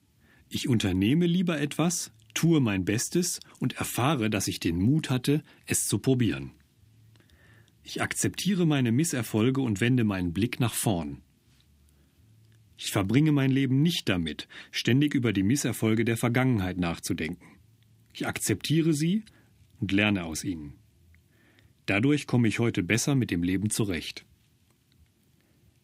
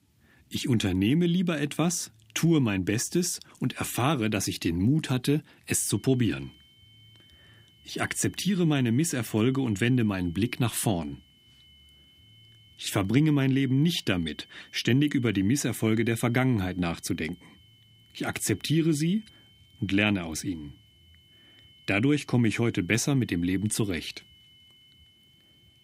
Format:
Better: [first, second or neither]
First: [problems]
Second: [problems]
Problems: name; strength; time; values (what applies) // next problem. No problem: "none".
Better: first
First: none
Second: high-pitched whine; faint; from 6 s on; 3 kHz, 30 dB below the speech